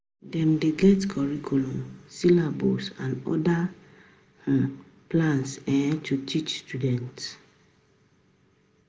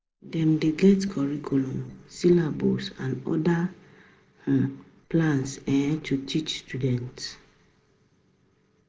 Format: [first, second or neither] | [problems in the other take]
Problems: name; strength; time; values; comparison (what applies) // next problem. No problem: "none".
first | noise reduction (neural separator model SepFormer DNS4)